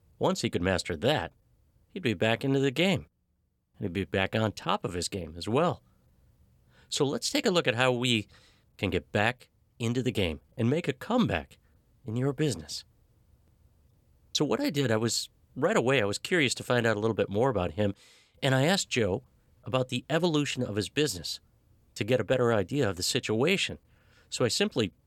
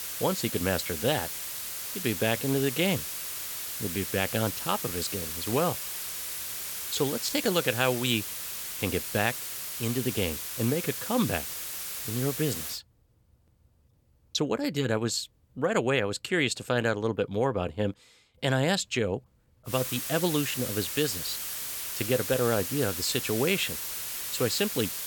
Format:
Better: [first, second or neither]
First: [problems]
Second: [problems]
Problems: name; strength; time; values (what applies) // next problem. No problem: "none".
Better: first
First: none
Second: hiss; loud; until 13 s and from 20 s on; 4 dB below the speech